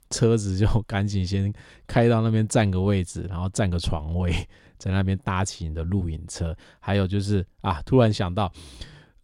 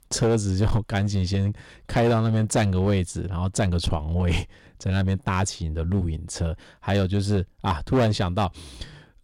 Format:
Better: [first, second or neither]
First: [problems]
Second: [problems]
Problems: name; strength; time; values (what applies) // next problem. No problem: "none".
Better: first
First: none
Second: distortion; slight; 8% of the sound clipped